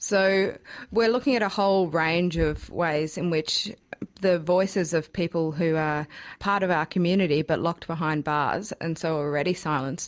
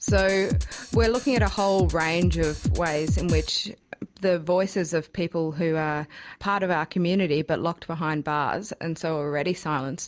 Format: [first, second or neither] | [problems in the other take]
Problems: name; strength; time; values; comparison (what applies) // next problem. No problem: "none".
first | background sound (Drum kit); 1 dB below the speech